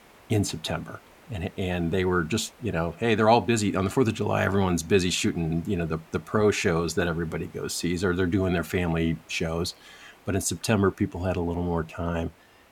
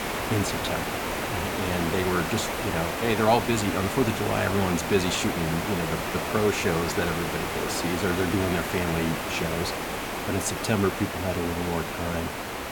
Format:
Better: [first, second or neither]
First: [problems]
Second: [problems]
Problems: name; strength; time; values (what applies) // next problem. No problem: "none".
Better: first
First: hiss; faint; throughout; 25 dB below the speech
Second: hiss; loud; throughout; 2 dB below the speech